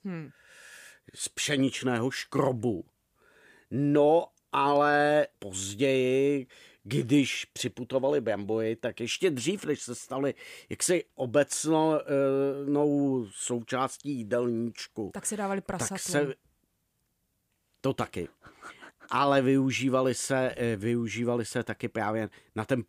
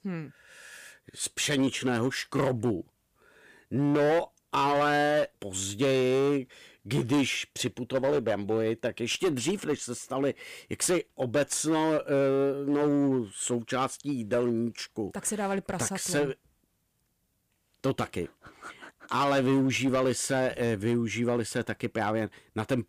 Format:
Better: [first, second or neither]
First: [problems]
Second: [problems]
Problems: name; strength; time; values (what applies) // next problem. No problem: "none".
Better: first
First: none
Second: distortion; slight; 9% of the sound clipped